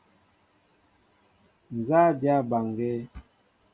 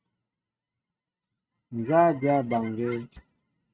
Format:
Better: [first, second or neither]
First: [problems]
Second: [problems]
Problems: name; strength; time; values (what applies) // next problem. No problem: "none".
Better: first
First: none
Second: noise reduction (neural mask model RNNoise)